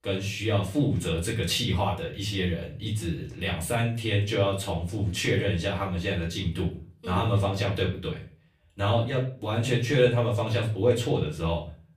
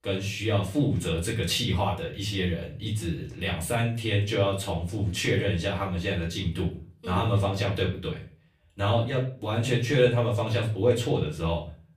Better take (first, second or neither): neither